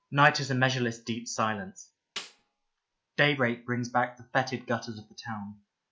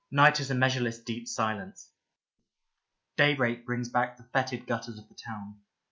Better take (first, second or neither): second